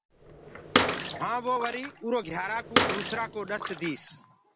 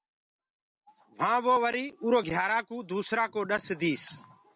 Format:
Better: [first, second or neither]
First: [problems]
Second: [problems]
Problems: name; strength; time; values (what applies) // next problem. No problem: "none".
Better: second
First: background sound (Bathtub (filling or washing) / Water / Splash, splatter); 2 dB above the speech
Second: none